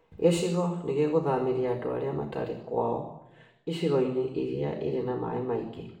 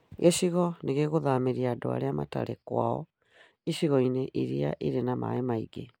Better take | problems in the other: second | room echo; dies away in 0.8 s

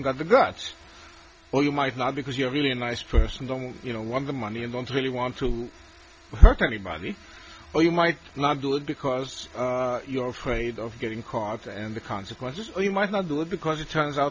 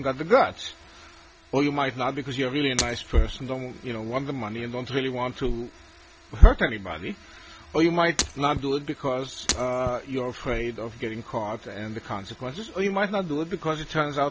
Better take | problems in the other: first | background sound (Shatter); 8 dB below the speech

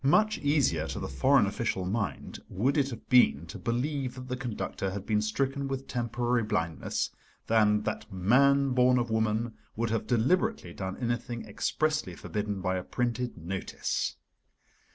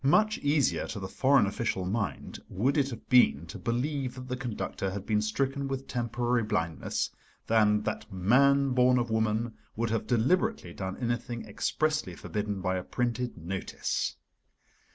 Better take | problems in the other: second | background sound (Growling); 11 dB below the speech

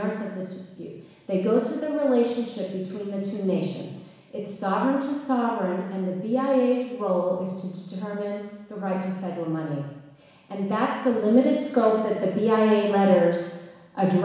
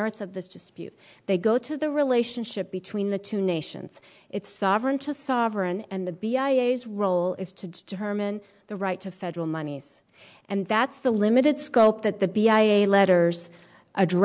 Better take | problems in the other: second | room echo; dies away in 1.1 s

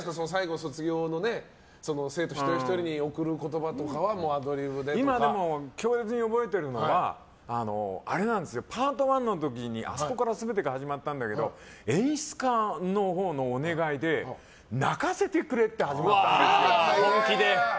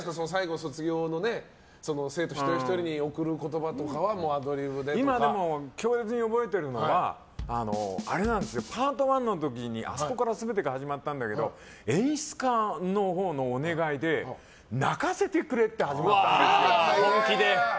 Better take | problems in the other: first | background sound (Drum kit); 12 dB below the speech

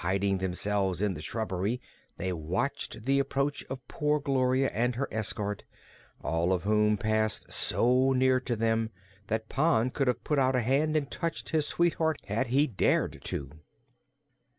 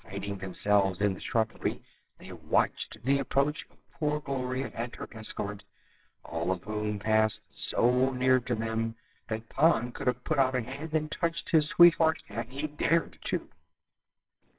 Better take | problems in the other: first | noise reduction (neural separator model SepFormer WHAMR!)

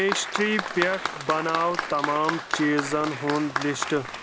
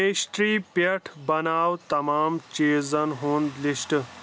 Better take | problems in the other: second | background sound (Applause); 5 dB below the speech

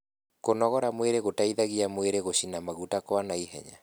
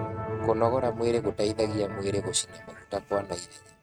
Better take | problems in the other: first | noise reduction (neural mask model RNNoise)

